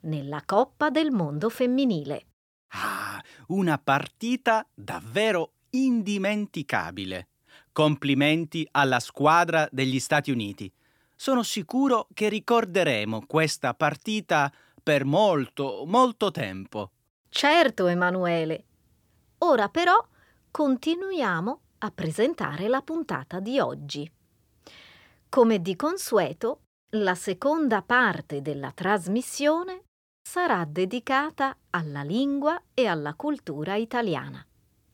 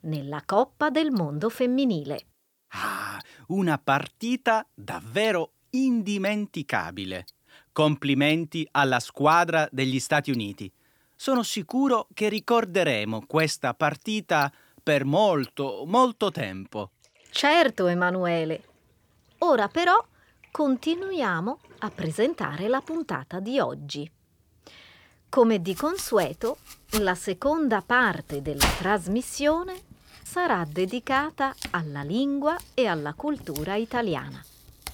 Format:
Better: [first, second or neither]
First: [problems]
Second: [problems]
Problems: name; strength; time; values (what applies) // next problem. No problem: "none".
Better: first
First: none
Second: household noises; noticeable; throughout; 10 dB below the speech